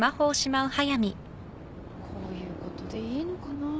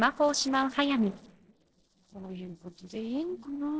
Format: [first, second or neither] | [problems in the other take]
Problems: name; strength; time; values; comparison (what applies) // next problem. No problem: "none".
first | noise reduction (neural separator model SepFormer DNS4)